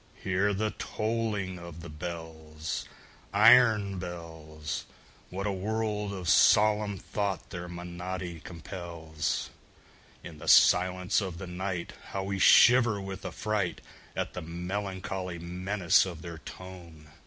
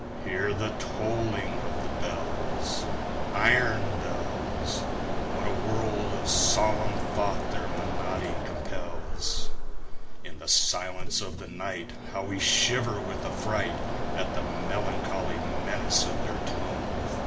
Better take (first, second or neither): first